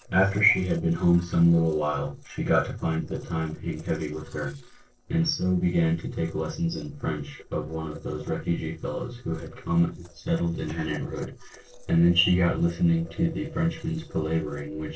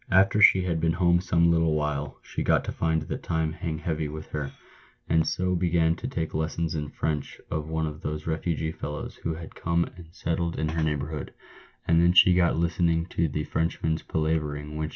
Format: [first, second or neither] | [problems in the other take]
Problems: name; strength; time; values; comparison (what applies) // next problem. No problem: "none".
second | noise reduction (neural separator model SepFormer DNS4)